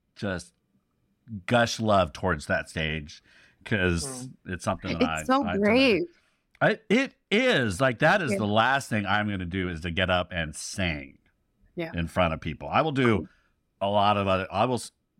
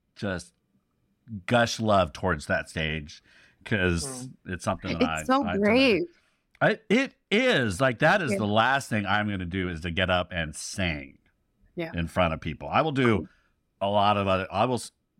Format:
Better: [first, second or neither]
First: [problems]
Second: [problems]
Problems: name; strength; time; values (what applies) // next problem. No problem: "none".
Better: neither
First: none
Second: none